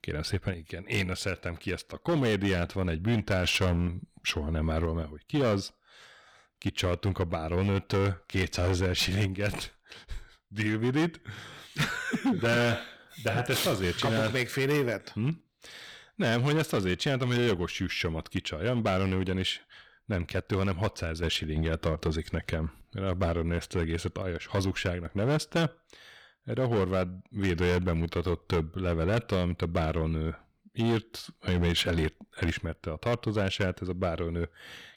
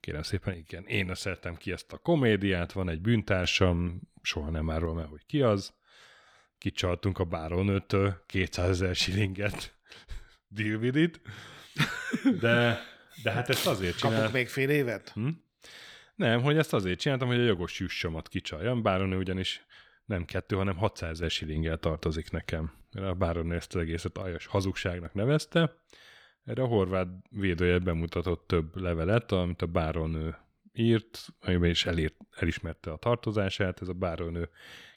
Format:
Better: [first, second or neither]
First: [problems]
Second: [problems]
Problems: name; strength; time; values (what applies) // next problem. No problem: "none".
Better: second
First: distortion; slight; 8% of the sound clipped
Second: none